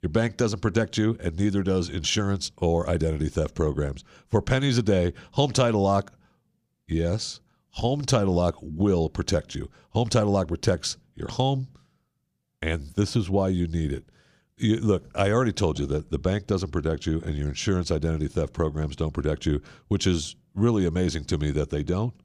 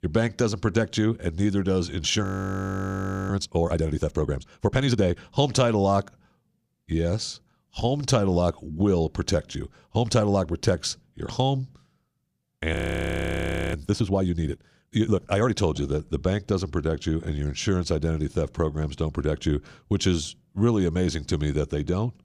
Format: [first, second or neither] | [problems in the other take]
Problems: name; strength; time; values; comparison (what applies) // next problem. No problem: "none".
first | audio freezing; at 2 s for 1 s and at 13 s for 1 s